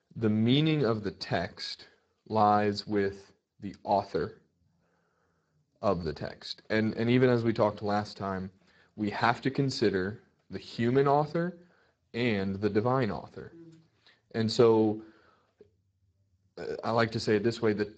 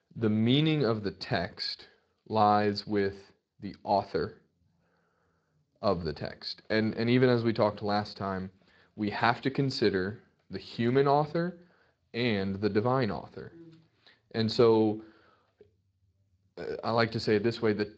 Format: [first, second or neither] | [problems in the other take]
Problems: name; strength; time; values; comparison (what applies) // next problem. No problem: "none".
second | garbled, watery; badly; nothing above 7.5 kHz; slightly in the second